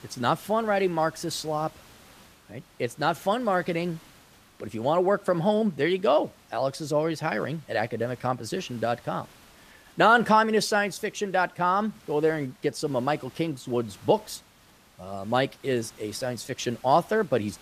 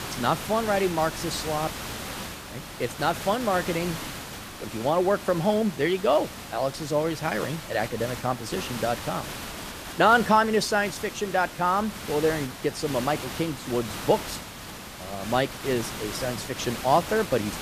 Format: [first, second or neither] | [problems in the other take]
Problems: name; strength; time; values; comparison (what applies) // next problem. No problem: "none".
first | hiss; loud; throughout; 9 dB below the speech; faint in the first